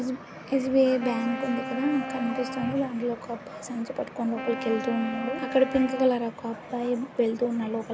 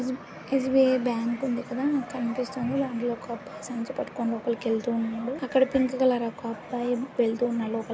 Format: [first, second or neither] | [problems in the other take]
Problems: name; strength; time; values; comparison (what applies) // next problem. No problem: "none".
second | background sound (Wind instrument, woodwind instrument); 10 dB below the speech